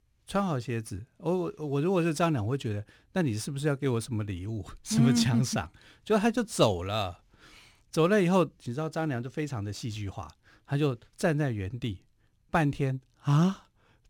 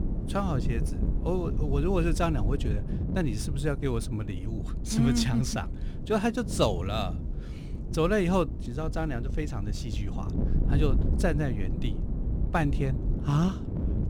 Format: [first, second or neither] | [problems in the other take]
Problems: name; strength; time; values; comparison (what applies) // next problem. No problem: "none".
first | wind noise on the microphone; occasional gusts; 10 dB below the speech